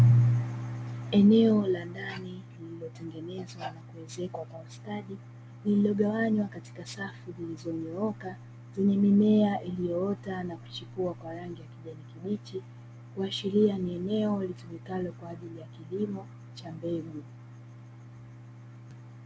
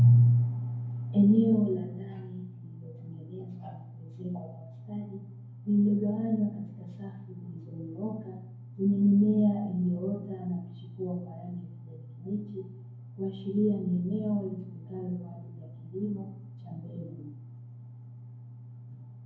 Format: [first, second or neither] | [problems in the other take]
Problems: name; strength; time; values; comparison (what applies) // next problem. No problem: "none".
first | room echo; dies away in 0.9 s